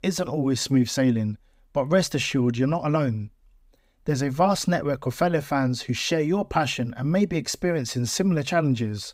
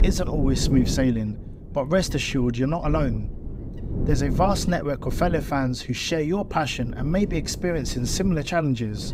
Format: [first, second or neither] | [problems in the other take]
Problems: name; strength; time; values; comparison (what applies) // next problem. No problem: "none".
first | wind noise on the microphone; occasional gusts; 15 dB below the speech